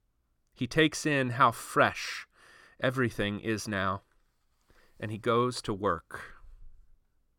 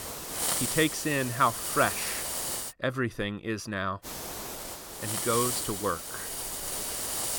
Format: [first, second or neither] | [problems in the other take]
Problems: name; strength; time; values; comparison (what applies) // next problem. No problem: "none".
first | hiss; loud; until 2.5 s and from 4 s on; 1 dB below the speech